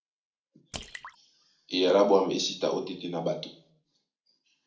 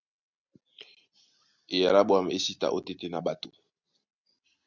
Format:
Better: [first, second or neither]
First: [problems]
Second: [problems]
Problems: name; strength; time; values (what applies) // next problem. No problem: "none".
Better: second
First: background sound (Drip / Splash, splatter); 19 dB below the speech // room echo; dies away in 0.4 s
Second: none